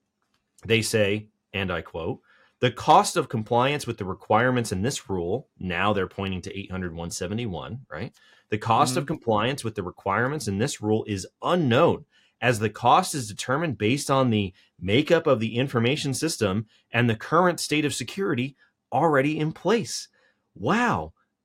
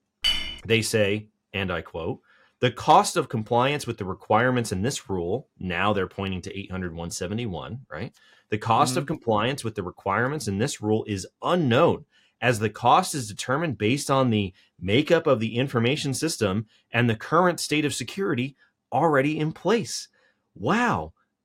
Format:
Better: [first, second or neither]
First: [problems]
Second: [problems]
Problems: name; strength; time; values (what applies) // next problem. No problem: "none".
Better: first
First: none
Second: clattering dishes; loud; at the start; peak 1 dB above the speech